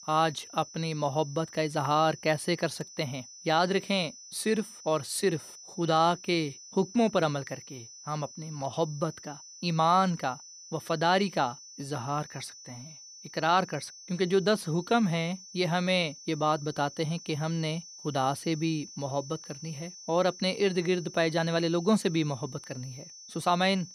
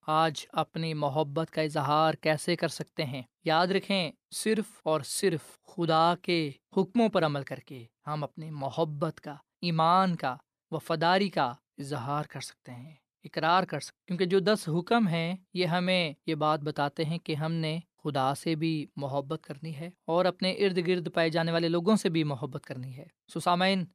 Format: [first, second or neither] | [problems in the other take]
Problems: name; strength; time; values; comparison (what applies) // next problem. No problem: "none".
second | high-pitched whine; noticeable; throughout; 6 kHz, 15 dB below the speech